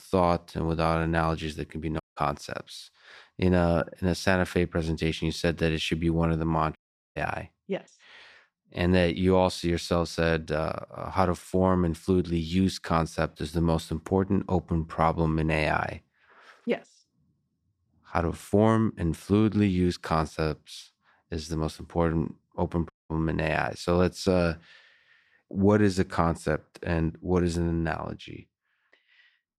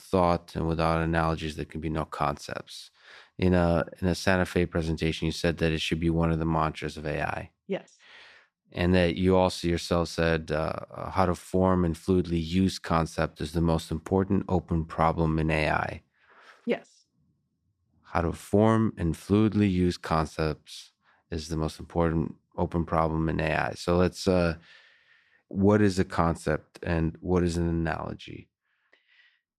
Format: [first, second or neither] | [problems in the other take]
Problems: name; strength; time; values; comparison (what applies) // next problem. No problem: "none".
second | audio cutting out; at 2 s, at 7 s and at 23 s